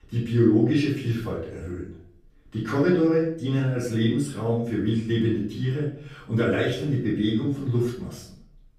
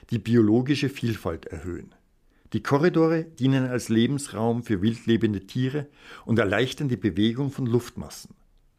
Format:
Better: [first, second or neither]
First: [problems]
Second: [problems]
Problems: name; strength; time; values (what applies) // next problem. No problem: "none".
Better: second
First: room echo; noticeable; dies away in 0.5 s // off-mic speech; far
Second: none